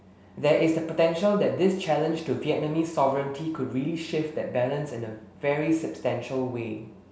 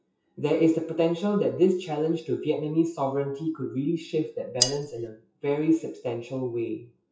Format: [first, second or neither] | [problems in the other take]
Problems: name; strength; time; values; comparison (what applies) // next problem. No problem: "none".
first | noise reduction (classical method WPE with log-MMSE)